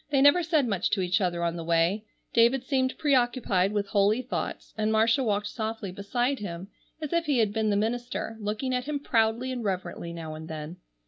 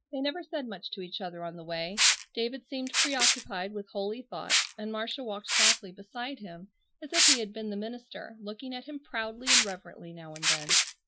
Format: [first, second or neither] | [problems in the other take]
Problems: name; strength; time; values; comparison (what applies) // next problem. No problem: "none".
first | noise reduction (classical method Wiener filter)